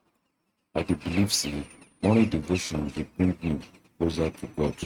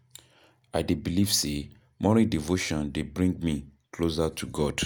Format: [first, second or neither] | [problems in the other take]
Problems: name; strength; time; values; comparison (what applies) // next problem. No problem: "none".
second | noise reduction (neural mask model RNNoise)